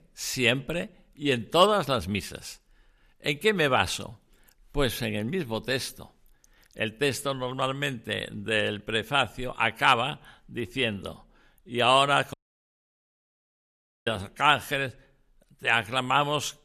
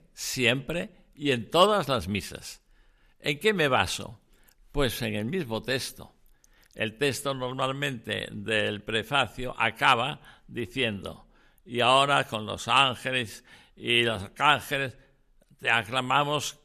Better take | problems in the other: second | audio cutting out; at 12 s for 1.5 s

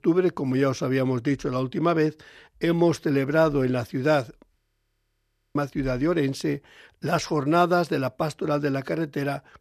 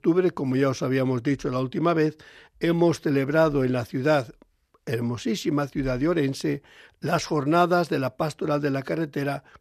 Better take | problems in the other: second | audio freezing; at 4.5 s for 1 s

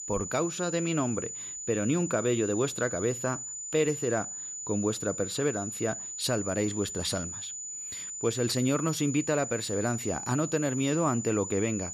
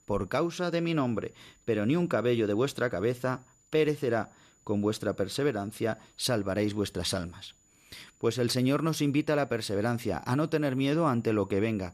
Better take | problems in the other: second | high-pitched whine; loud; throughout; 7 kHz, 6 dB below the speech; faint in the second

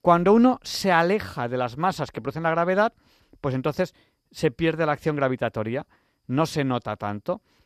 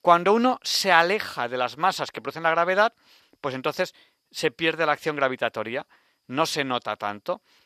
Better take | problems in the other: first | thin; somewhat; fading below 850 Hz

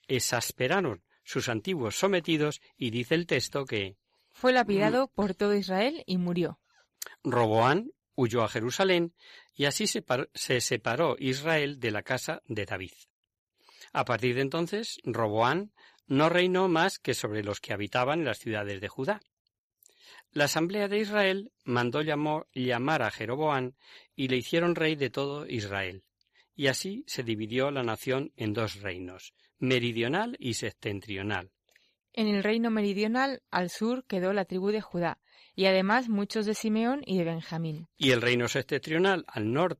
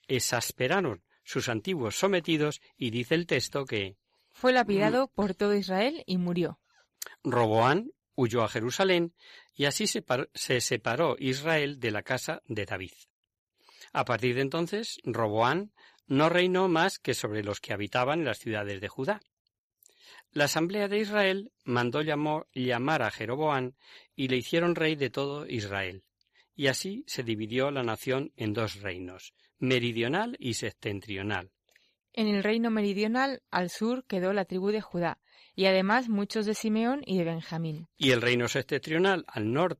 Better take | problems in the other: neither | none

